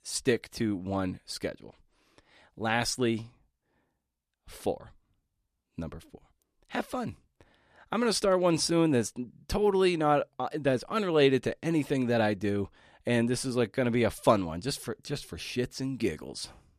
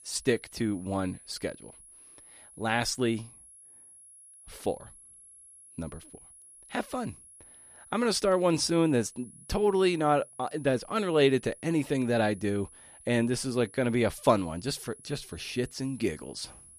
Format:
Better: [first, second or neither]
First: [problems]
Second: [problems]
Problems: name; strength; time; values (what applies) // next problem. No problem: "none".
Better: first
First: none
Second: high-pitched whine; faint; throughout; 10.5 kHz, 20 dB below the speech